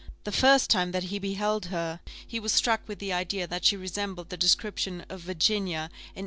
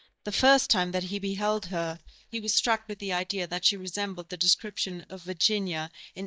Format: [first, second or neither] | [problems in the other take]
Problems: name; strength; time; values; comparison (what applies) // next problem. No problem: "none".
first | noise reduction (neural mask model DeepFilterNet 3)